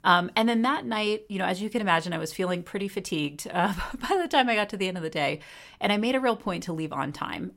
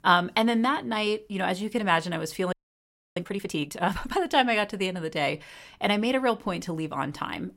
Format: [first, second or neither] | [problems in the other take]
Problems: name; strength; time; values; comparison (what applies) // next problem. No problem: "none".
first | audio freezing; at 2.5 s for 0.5 s